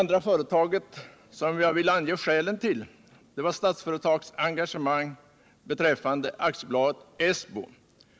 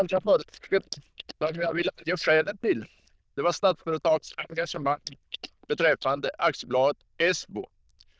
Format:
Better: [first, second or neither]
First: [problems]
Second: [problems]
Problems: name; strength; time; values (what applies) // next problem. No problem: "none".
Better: first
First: none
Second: noise reduction (neural diffusion model UNIVERSE++)